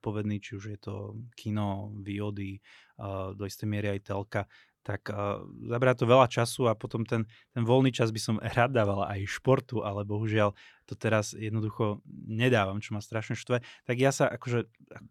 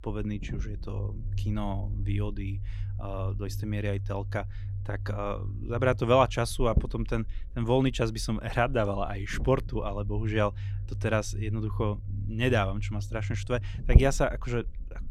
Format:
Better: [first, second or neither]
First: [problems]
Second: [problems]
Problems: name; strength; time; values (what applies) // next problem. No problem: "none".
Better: first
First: none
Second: low rumble; noticeable; throughout; 20 dB below the speech